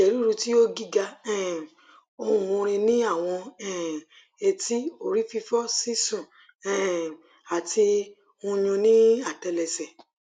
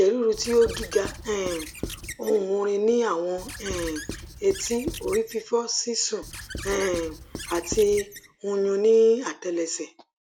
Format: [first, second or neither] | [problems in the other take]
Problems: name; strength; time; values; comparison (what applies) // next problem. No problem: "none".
first | background sound (Squeak / Writing); 13 dB below the speech